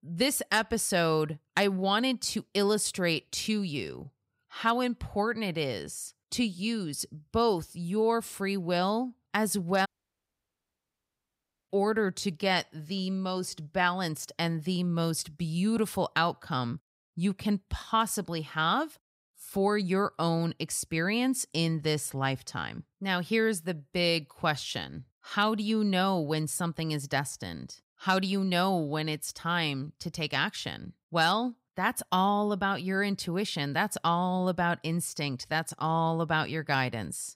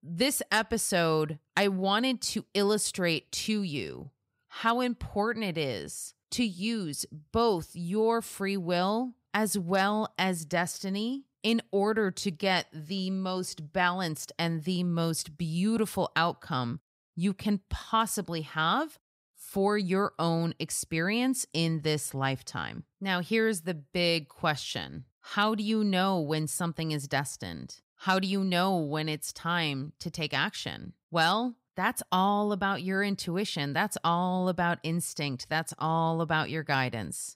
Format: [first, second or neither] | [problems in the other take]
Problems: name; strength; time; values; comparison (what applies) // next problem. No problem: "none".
second | audio cutting out; at 10 s for 2 s